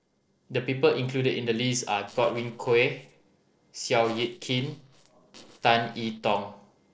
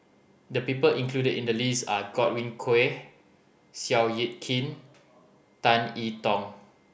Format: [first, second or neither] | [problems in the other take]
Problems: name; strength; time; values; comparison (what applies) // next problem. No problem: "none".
second | noise reduction (neural separator model SepFormer DNS4)